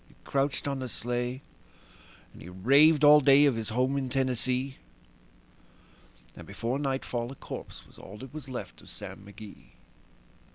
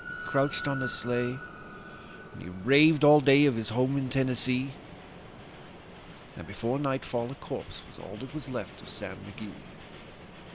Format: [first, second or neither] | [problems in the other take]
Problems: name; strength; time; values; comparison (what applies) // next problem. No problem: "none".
first | background sound (Train + Ocean); 14 dB below the speech